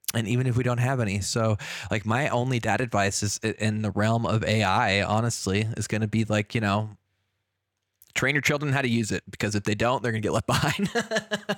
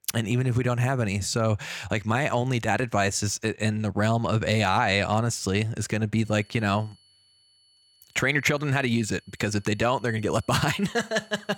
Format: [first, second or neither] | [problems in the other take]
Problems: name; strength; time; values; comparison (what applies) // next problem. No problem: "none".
first | high-pitched whine; faint; from 6.5 s on; 4.5 kHz, 30 dB below the speech